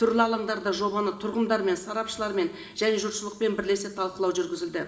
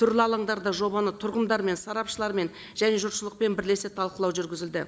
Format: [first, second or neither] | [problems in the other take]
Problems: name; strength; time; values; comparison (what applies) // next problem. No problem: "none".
second | room echo; dies away in 1.1 s